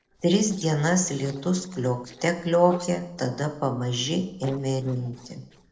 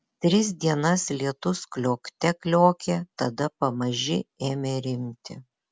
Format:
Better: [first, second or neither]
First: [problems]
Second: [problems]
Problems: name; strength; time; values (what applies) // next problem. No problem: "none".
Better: second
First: noise reduction (neural separator model SepFormer DNS4)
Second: none